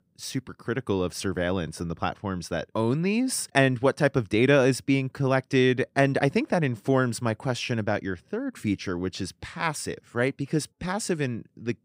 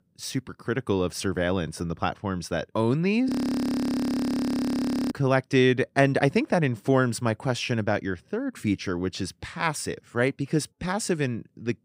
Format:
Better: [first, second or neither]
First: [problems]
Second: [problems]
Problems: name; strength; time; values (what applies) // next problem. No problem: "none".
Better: first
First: none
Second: audio freezing; at 3.5 s for 2 s